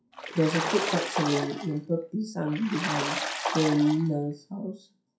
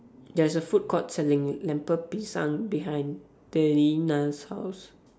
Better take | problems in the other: second | noise reduction (classical method WPE with log-MMSE)

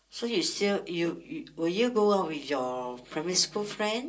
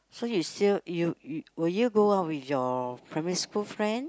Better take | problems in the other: second | room echo; dies away in 0.2 s

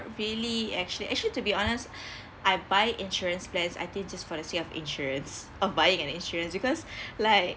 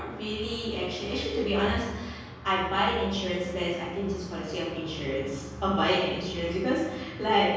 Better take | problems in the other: first | room echo; dies away in 1.3 s

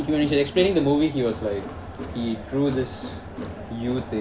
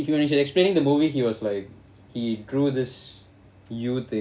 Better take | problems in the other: second | background sound (Crowd); 10 dB below the speech

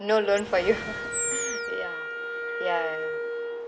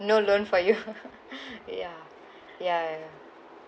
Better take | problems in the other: second | background sound (Wind instrument, woodwind instrument + Animal); 2 dB below the speech

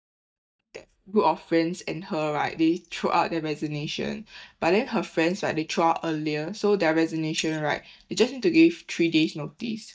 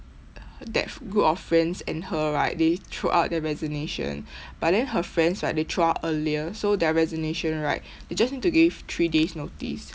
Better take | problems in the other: second | noise reduction (neural mask model DeepFilterNet 3)

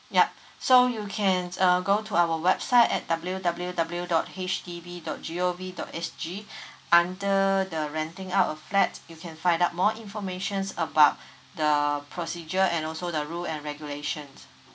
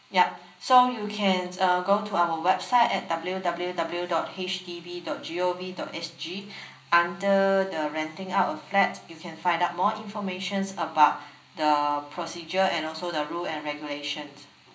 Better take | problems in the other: first | room echo; dies away in 0.5 s

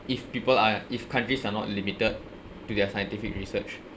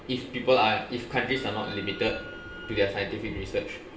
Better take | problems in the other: first | background sound (Wind instrument, woodwind instrument); 17 dB below the speech // room echo; dies away in 0.7 s

